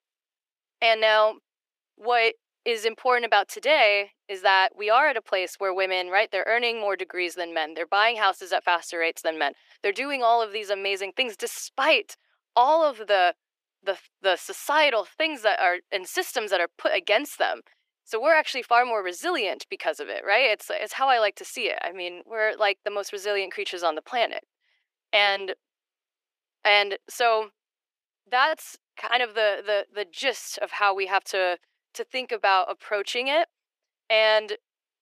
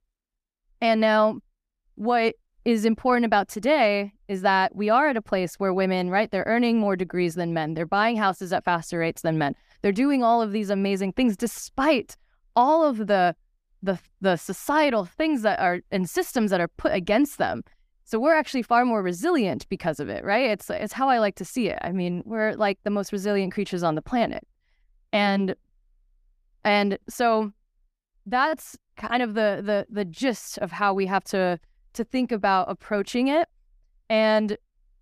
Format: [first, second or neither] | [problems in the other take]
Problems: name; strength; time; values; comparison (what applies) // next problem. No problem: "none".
second | thin; very; fading below 400 Hz